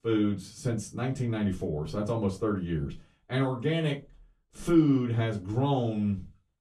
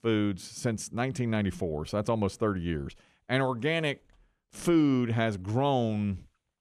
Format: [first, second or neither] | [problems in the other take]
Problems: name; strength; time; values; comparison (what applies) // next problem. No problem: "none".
second | off-mic speech; far // room echo; very slight; dies away in 0.2 s